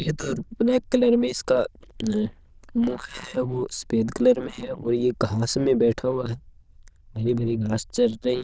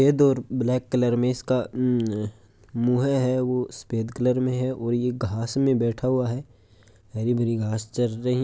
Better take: second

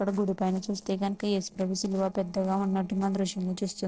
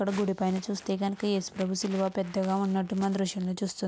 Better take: second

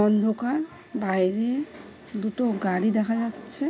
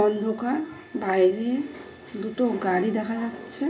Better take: first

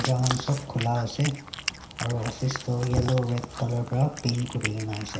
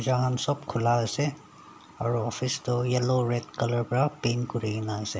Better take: second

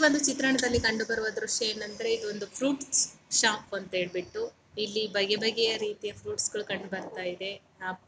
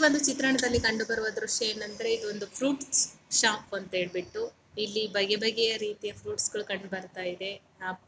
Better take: second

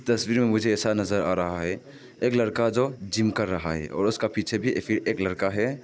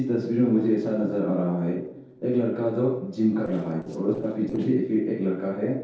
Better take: first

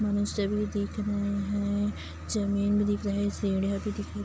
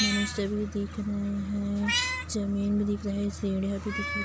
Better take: first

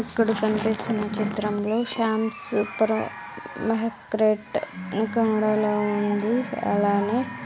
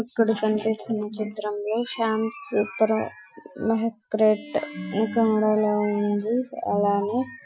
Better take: first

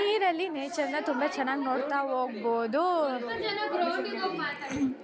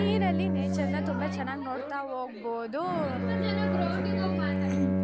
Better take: first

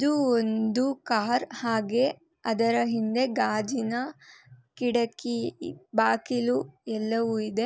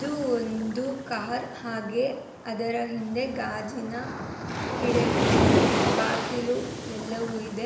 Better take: first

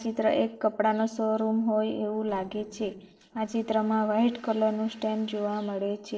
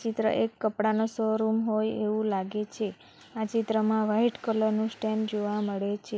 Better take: second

